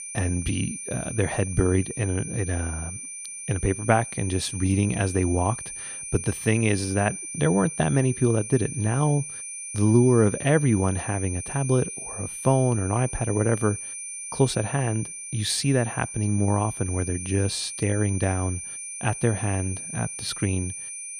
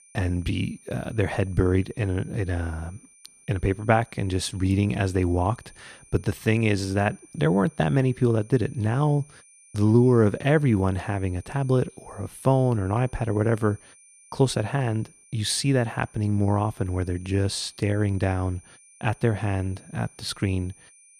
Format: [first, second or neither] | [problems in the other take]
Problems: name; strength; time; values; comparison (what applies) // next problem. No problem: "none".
second | high-pitched whine; loud; throughout; 9.5 kHz, 8 dB below the speech; faint in the second